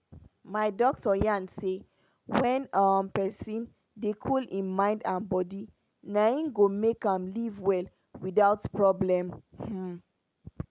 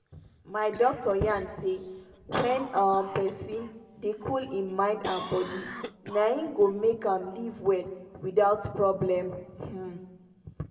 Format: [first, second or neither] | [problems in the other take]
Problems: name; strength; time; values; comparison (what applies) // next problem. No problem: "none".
first | background sound (Cough); 17 dB below the speech // room echo; dies away in 1.3 s